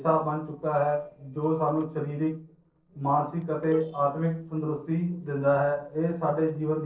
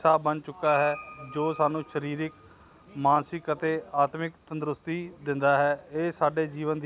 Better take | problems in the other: second | noise reduction (neural separator model SepFormer DNS4)

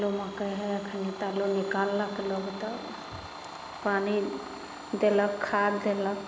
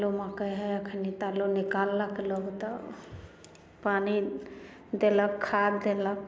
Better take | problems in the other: second | background sound (Domestic sounds, home sounds); 13 dB below the speech

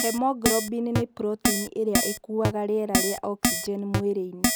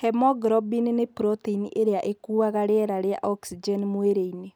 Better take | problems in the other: second | background sound (Keyboard (musical)); as loud as the speech

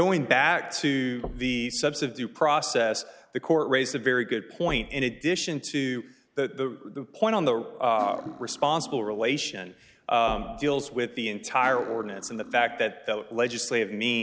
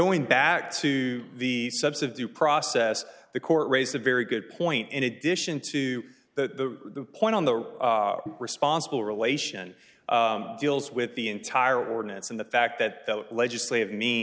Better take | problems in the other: second | background sound (Knock + Cutlery, silverware); 18 dB below the speech

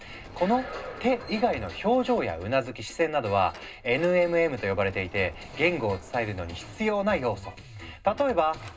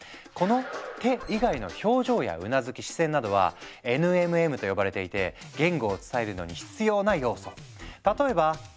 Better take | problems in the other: second | background sound (Sliding door); 20 dB below the speech // room echo; dies away in 0.2 s

